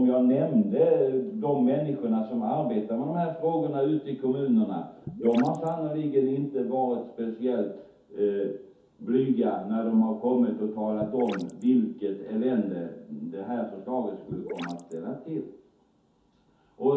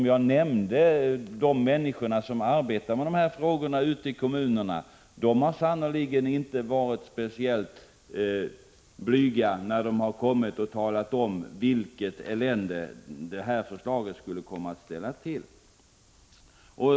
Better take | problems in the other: second | background sound (Gurgling / Liquid); 13 dB below the speech // room echo; dies away in 0.5 s

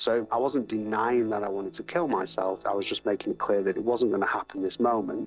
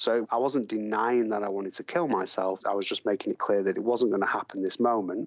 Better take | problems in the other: second | noise reduction (neural separator model SepFormer DNS4)

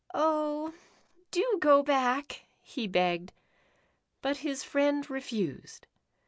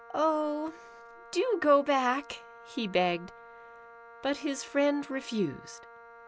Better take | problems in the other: first | background sound (Wind instrument, woodwind instrument); 19 dB below the speech

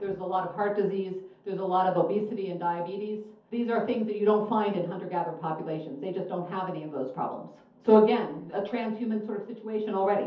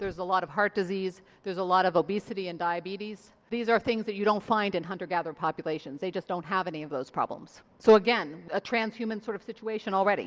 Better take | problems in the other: second | room echo; dies away in 0.5 s

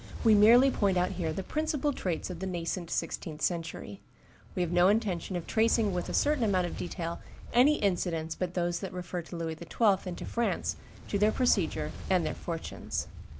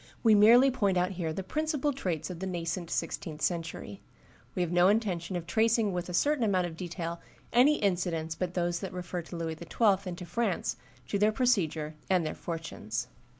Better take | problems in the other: second | background sound (Fire); 11 dB below the speech

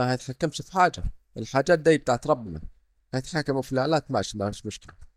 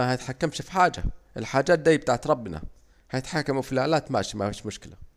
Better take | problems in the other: second | noise reduction (neural mask model DeepFilterNet 3)

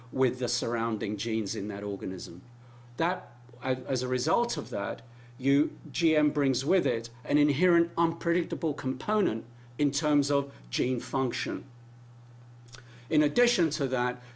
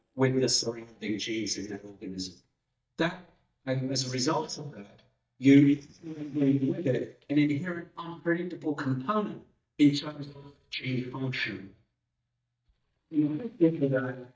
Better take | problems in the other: first | noise reduction (neural mask model DeepFilterNet 3)

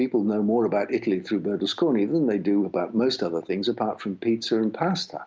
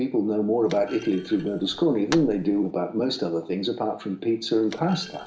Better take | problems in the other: first | background sound (Thump, thud); 19 dB below the speech // room echo; dies away in 0.6 s

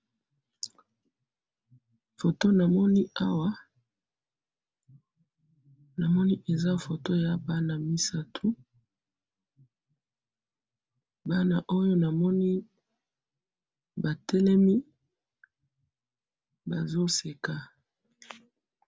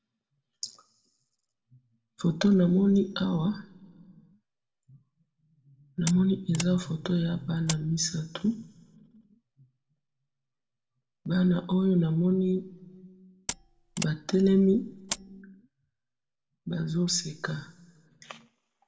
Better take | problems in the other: first | background sound (Mechanisms); 11 dB below the speech // room echo; dies away in 1.2 s

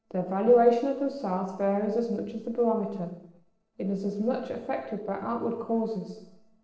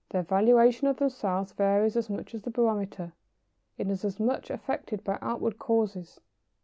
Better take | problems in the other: second | noise reduction (neural separator model SepFormer DNS4)

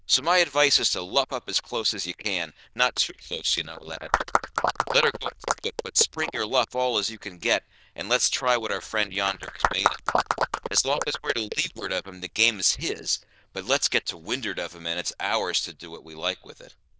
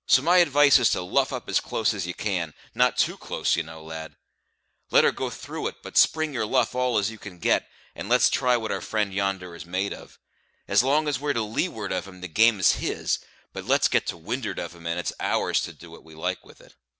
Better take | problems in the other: second | noise reduction (neural diffusion model UNIVERSE++)

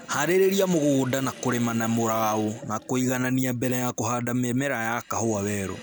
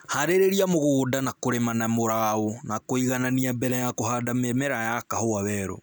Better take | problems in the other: second | background sound (Sink (filling or washing)); 19 dB below the speech

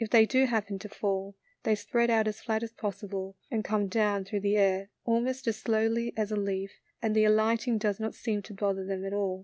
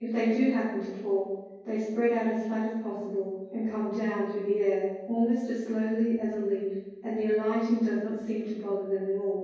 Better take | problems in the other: first | room echo; dies away in 1.3 s

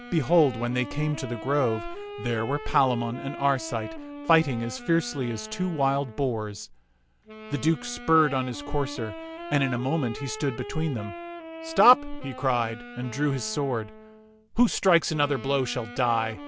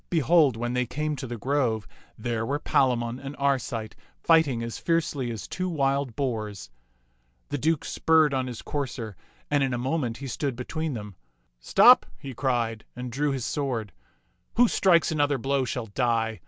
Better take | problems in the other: second | background sound (Wind instrument, woodwind instrument); 13 dB below the speech

